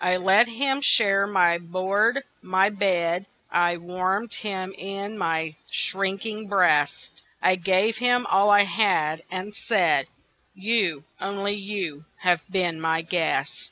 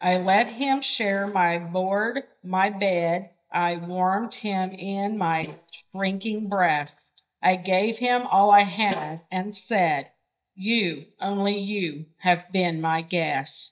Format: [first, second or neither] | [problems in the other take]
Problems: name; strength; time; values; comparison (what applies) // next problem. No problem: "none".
first | noise reduction (neural mask model DeepFilterNet 3)